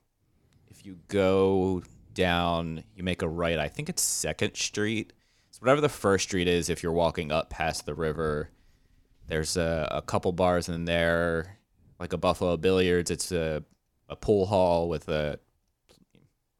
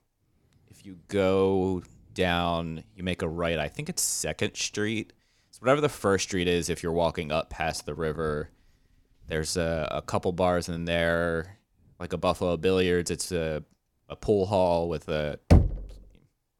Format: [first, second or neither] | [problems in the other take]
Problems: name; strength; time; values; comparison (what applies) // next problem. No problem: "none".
first | door banging; loud; at 16 s; peak 6 dB above the speech